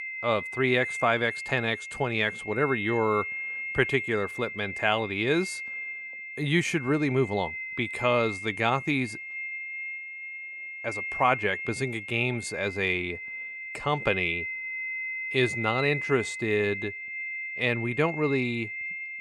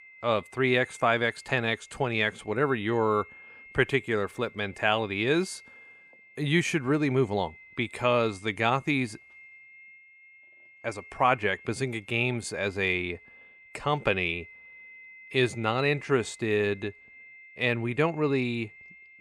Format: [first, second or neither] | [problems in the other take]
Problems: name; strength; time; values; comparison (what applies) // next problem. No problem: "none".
second | high-pitched whine; loud; throughout; 2 kHz, 6 dB below the speech; faint in the second